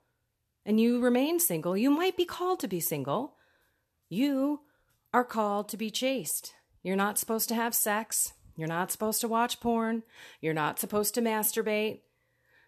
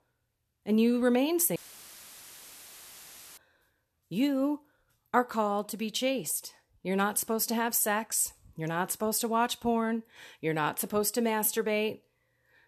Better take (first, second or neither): first